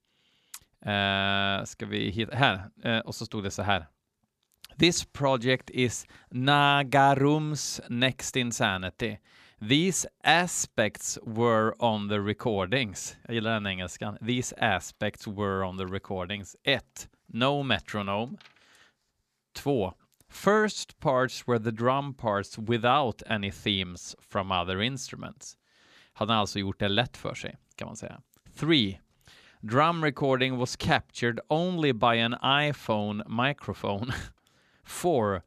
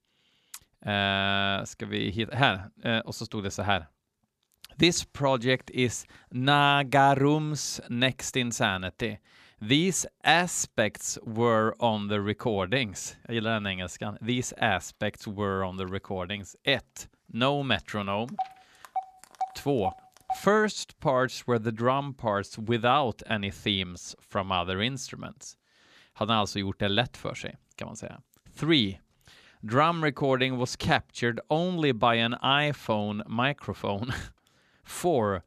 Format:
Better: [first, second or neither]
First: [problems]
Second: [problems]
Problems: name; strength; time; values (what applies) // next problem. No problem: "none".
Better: first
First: none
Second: phone ringing; noticeable; from 18 to 20 s; peak 9 dB below the speech